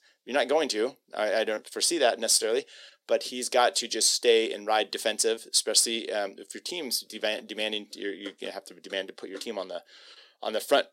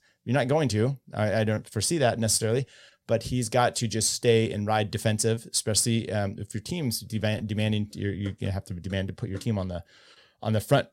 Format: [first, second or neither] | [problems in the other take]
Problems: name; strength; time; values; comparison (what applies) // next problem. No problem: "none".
second | thin; very; fading below 300 Hz